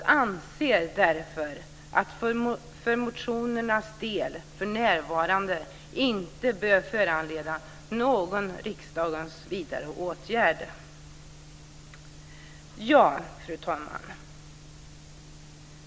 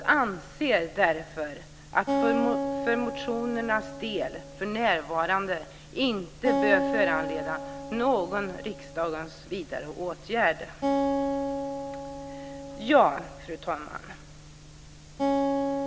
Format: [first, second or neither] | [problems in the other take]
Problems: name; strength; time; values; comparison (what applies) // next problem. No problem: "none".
first | background sound (Acoustic guitar); 3 dB below the speech